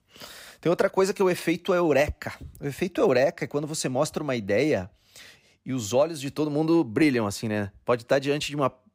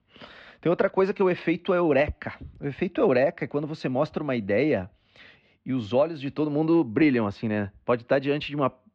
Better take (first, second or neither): first